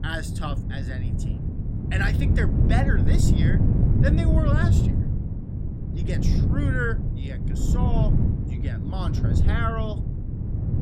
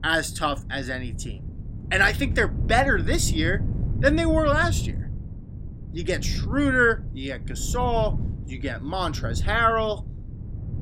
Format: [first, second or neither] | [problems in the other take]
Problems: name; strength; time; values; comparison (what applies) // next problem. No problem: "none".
second | wind noise on the microphone; heavy; 3 dB below the speech; occasional gusts in the second